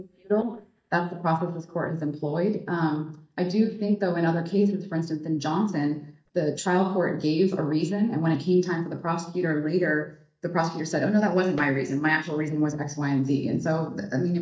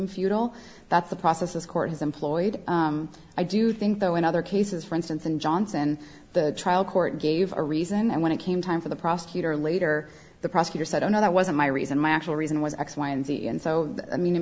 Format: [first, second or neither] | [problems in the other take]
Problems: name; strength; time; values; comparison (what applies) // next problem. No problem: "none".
second | noise reduction (neural mask model DeepFilterNet 3)